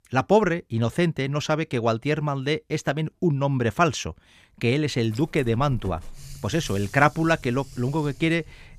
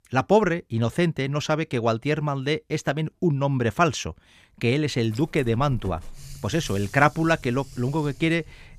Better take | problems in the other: neither | animal sounds; noticeable; from 5 s on; 20 dB below the speech; the same in both

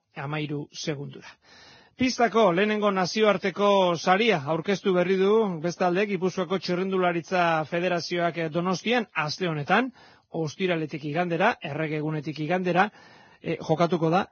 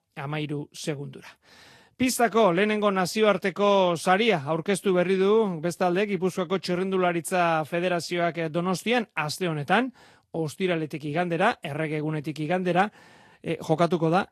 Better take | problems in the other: second | garbled, watery; badly; nothing above 6.5 kHz; slightly in the second

